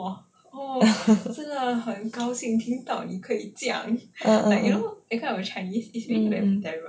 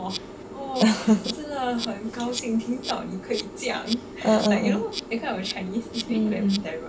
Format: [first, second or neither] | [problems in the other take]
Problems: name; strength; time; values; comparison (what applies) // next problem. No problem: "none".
first | background sound (Insect); 10 dB below the speech